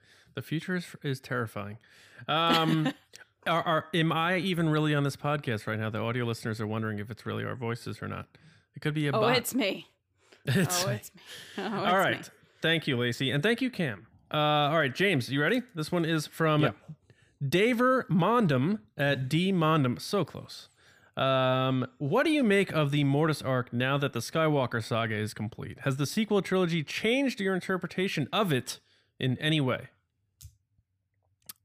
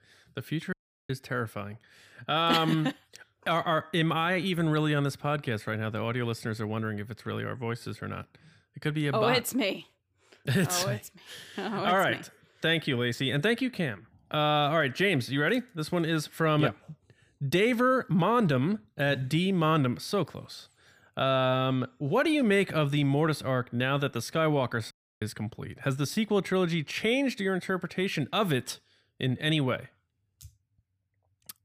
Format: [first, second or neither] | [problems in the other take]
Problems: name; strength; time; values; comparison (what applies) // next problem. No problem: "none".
first | audio cutting out; at 0.5 s and at 25 s